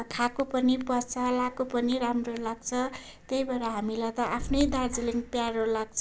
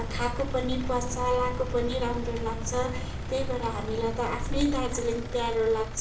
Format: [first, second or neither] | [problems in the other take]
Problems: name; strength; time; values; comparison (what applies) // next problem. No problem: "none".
first | background sound (Engine); 5 dB below the speech // room echo; dies away in 0.7 s